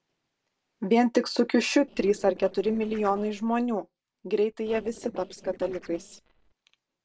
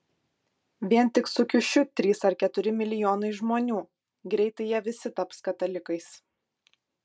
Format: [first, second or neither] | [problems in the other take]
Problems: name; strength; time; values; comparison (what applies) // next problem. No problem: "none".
second | noise reduction (neural separator model SepFormer DNS4)